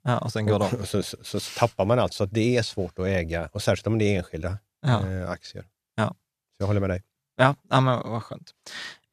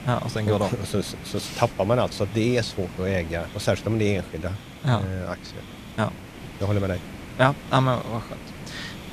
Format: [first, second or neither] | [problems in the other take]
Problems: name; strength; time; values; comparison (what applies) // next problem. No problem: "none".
first | hiss; noticeable; throughout; 15 dB below the speech